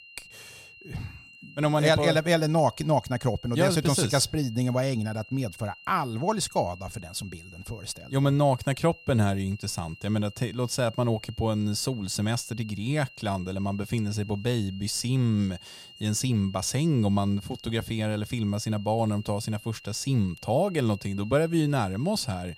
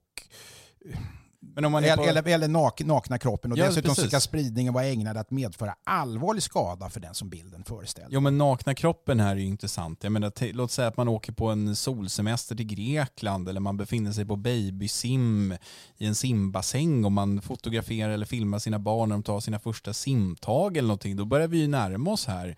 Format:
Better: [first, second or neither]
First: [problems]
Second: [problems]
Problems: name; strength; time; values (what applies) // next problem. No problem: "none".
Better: second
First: high-pitched whine; faint; throughout; 3 kHz, 20 dB below the speech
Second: none